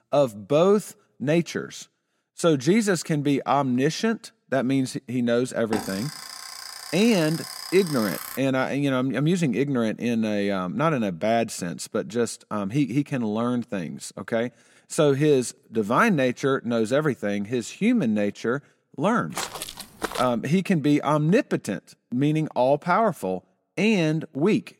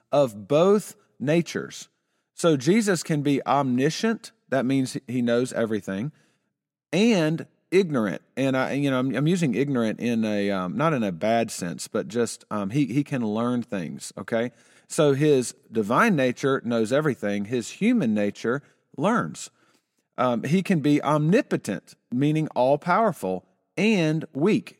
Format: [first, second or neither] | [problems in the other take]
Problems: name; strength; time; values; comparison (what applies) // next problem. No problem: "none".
second | alarm; noticeable; from 5.5 to 8.5 s; peak 8 dB below the speech // footsteps; noticeable; at 19 s; peak 7 dB below the speech